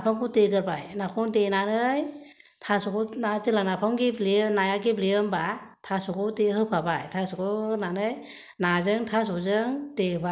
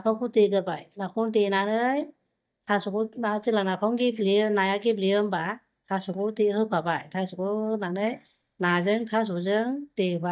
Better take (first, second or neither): first